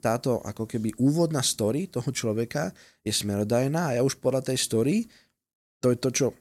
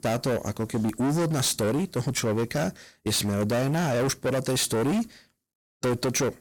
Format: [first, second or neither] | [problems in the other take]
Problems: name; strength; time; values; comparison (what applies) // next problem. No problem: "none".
first | distortion; heavy; 25% of the sound clipped